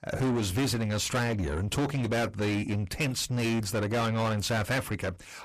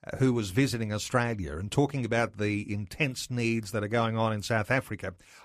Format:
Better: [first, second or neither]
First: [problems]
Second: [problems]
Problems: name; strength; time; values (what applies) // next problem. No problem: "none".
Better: second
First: distortion; heavy; 6 dB below the speech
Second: none